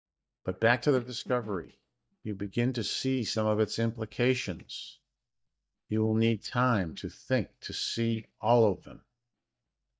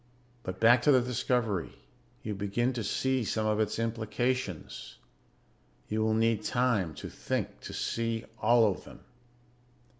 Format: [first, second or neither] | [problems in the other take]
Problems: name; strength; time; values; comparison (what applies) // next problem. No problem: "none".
second | noise reduction (neural mask model DeepFilterNet 3)